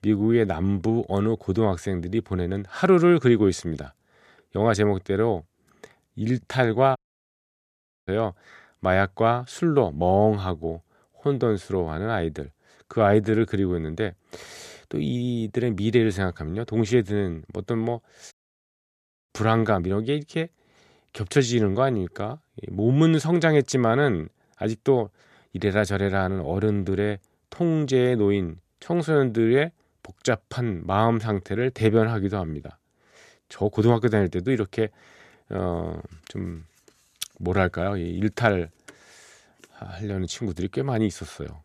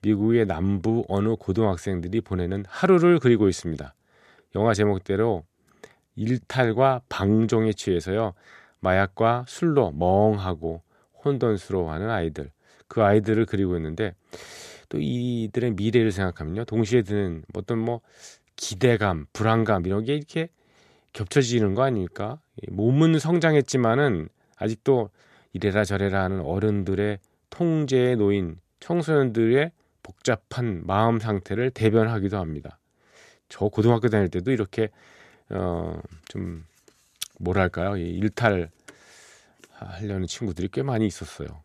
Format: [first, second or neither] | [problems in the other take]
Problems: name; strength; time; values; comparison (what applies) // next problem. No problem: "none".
second | audio cutting out; at 7 s for 1 s and at 18 s for 1 s